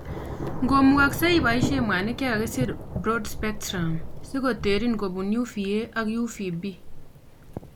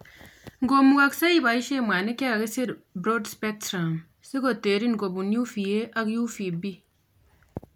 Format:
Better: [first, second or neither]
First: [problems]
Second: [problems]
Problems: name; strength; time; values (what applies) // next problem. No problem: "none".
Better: second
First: background sound (Thunder / Rain); 7 dB below the speech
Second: none